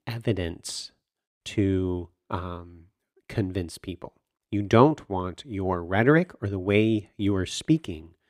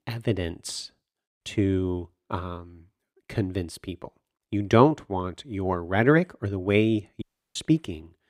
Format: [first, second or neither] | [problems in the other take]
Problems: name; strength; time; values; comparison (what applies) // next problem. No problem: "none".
first | audio cutting out; at 7 s